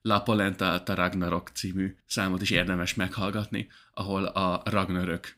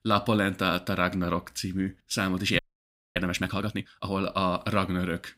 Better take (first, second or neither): first